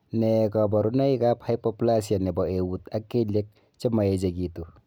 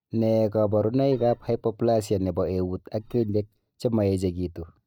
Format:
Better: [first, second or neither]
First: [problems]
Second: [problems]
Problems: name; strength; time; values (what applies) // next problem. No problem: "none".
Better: first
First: none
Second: noise reduction (neural mask model DeepFilterNet 3)